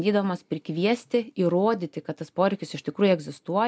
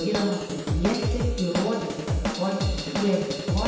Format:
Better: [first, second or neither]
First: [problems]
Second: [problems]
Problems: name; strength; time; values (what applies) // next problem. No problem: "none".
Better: first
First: none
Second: background sound (Drum / Drum kit); 1 dB below the speech // room echo; dies away in 1.1 s